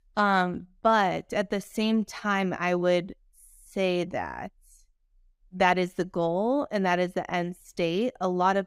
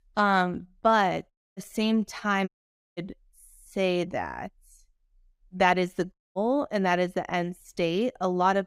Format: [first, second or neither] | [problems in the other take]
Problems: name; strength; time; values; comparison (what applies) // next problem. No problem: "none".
first | audio cutting out; at 1.5 s, at 2.5 s and at 6 s